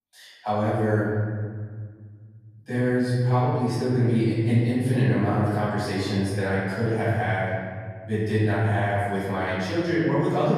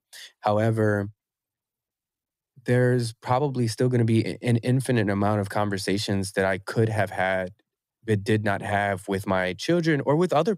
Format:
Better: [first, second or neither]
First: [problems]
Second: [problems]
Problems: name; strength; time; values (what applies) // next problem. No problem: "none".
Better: second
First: off-mic speech; far // room echo; strong; dies away in 2.2 s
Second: none